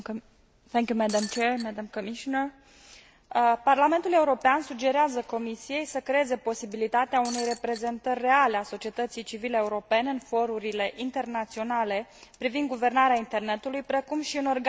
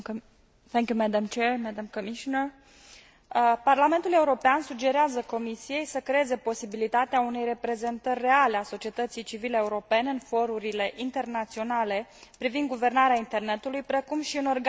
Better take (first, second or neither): second